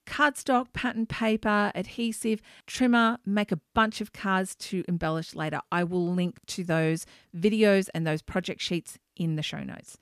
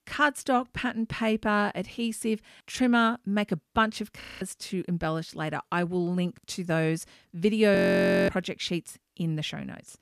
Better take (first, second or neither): first